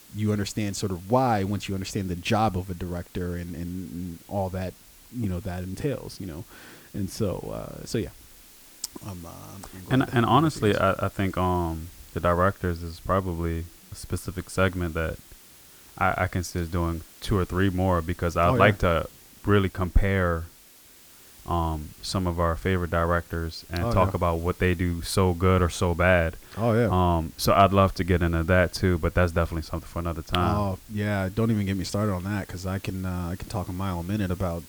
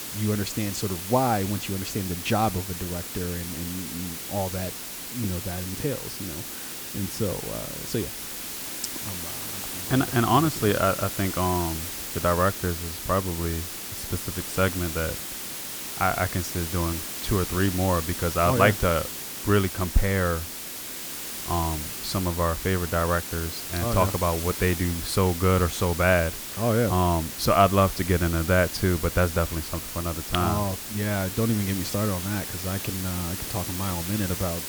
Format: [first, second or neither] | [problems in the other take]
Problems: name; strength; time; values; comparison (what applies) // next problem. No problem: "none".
first | hiss; loud; throughout; 6 dB below the speech; faint in the first